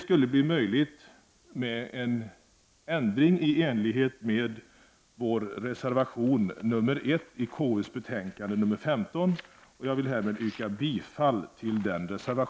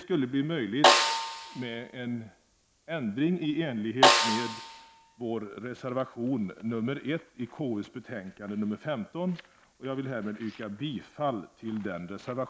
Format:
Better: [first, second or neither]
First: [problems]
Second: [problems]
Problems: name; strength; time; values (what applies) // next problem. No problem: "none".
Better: first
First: none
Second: background sound (Snare drum); 5 dB above the speech